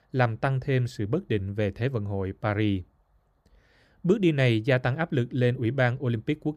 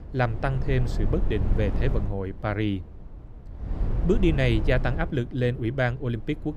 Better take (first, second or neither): first